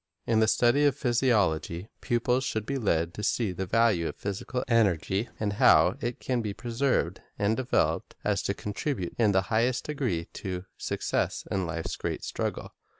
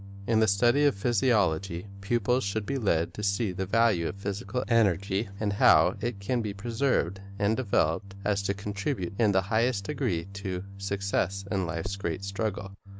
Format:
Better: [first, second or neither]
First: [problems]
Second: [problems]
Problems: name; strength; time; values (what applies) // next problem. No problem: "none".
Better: first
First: none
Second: background sound (Organ); 13 dB below the speech